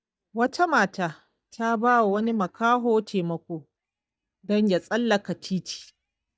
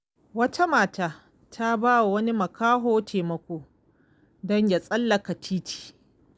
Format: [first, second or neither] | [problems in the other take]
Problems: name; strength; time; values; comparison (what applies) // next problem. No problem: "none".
second | noise reduction (neural mask model DeepFilterNet 3)